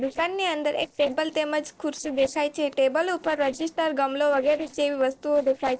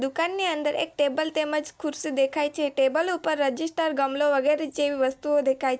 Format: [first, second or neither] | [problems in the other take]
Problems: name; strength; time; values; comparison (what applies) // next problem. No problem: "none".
second | noise reduction (neural separator model SepFormer DNS4)